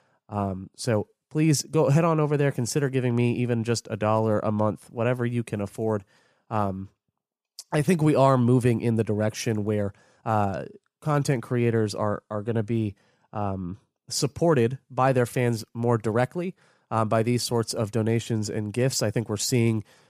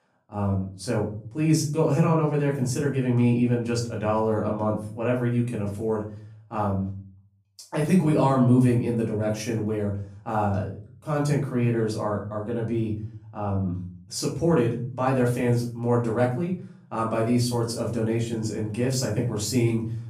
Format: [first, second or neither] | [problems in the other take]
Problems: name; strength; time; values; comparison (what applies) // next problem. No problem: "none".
first | room echo; slight; dies away in 0.5 s // off-mic speech; far